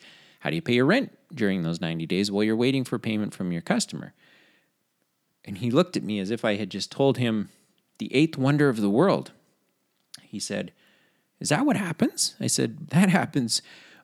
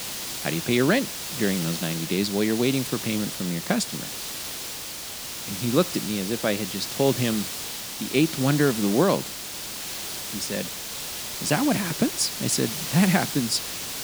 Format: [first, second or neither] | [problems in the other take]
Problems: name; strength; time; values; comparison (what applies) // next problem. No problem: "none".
first | hiss; loud; throughout; 5 dB below the speech